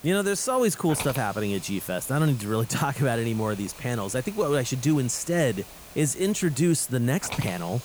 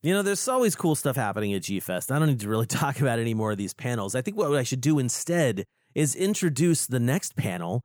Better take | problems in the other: second | hiss; noticeable; throughout; 15 dB below the speech

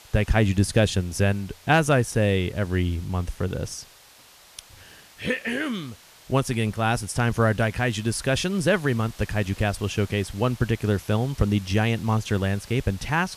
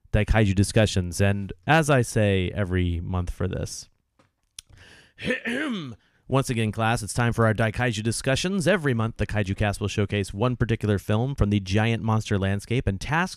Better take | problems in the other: second | hiss; faint; throughout; 25 dB below the speech

